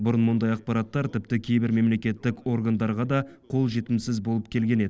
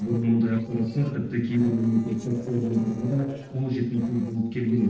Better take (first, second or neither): first